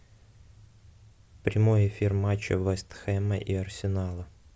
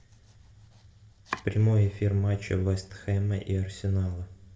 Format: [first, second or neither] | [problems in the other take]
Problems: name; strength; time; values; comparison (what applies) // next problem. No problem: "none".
first | background sound (Domestic sounds, home sounds); 20 dB below the speech // room echo; dies away in 0.7 s